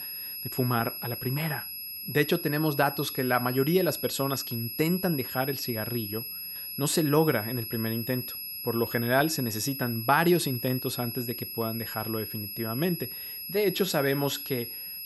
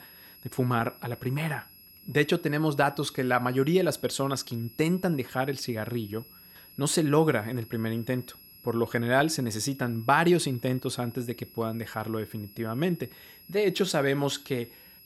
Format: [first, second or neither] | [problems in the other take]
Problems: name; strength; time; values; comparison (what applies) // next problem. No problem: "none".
second | high-pitched whine; loud; throughout; 11.5 kHz, 6 dB below the speech; faint in the second